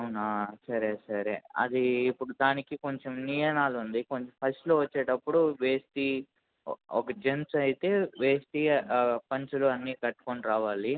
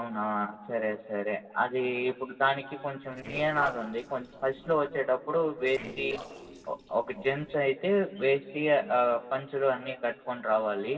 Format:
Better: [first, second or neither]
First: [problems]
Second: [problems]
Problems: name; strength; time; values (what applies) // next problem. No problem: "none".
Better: first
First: none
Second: noise reduction (neural separator model SepFormer DNS4)